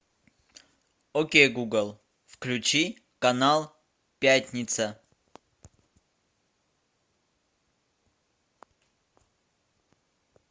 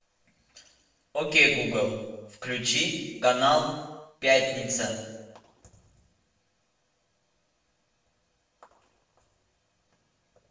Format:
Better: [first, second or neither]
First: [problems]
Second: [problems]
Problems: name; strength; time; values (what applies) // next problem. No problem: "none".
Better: first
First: none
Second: room echo; dies away in 1 s